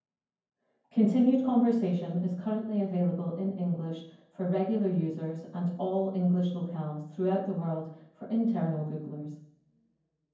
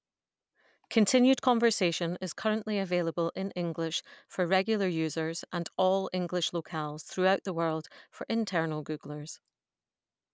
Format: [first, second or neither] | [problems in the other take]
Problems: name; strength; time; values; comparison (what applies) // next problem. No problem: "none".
second | room echo; dies away in 0.9 s